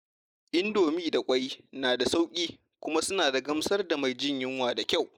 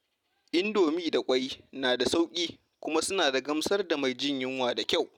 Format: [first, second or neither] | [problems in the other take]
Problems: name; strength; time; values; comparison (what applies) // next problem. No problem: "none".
second | noise reduction (neural mask model Resemble Enhance denoiser)